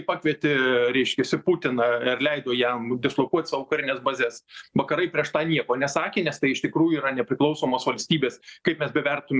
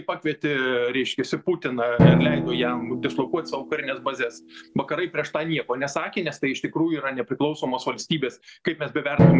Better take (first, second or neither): first